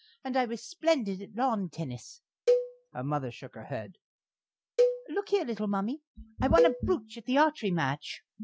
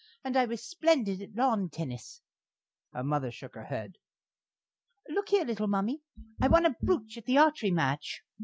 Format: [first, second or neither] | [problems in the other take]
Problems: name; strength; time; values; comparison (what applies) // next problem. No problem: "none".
second | background sound (Cowbell); 1 dB below the speech